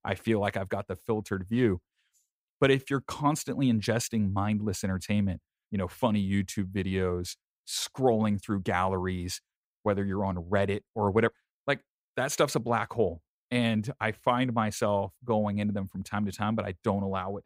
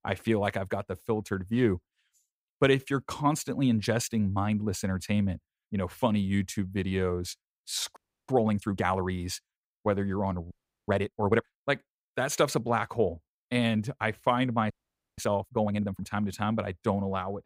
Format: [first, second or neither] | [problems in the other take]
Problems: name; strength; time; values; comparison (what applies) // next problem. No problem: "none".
first | audio freezing; at 8 s, at 11 s and at 15 s